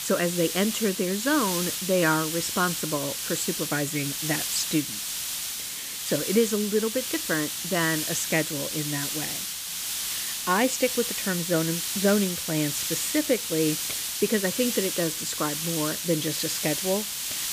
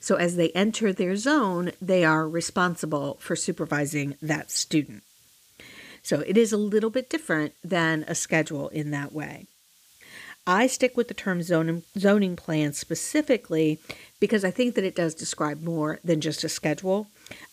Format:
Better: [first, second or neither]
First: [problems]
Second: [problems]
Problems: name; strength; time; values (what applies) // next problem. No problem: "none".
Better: second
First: hiss; loud; throughout; 1 dB below the speech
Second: hiss; faint; throughout; 30 dB below the speech